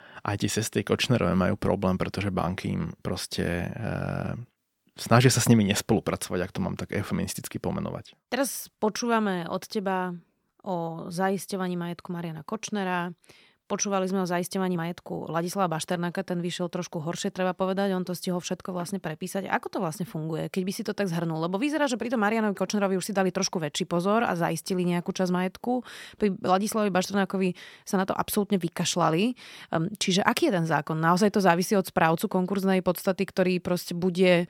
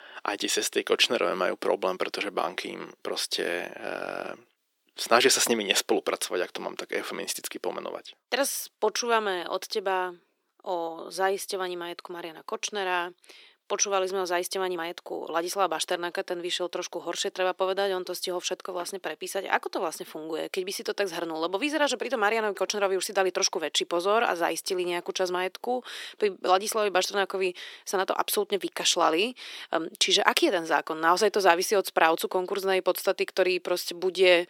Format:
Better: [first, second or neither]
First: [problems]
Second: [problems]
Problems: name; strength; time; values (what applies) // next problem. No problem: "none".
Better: first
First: none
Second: thin; very; fading below 350 Hz